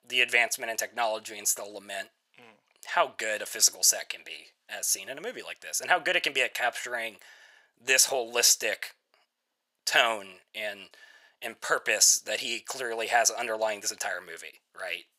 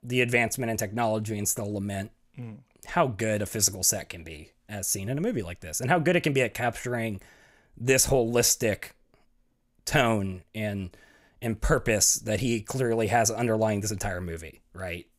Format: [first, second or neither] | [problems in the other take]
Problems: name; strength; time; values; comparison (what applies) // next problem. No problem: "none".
second | thin; very; fading below 750 Hz